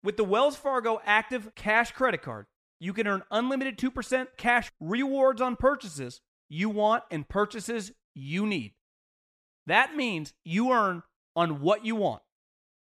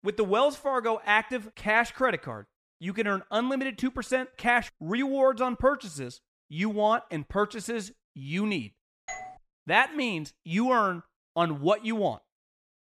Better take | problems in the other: first | doorbell; faint; at 9 s; peak 10 dB below the speech

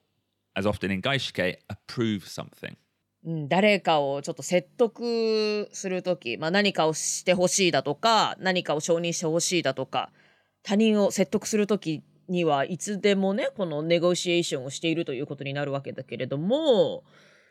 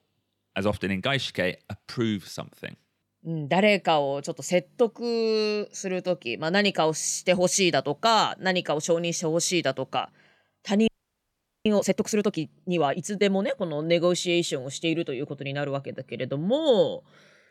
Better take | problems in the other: first | audio freezing; at 11 s for 1 s

